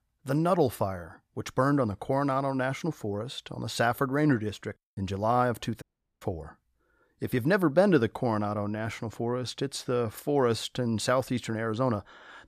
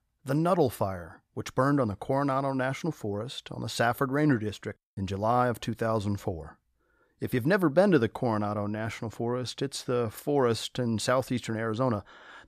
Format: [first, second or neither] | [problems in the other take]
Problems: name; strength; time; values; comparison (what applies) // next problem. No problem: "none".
second | audio cutting out; at 6 s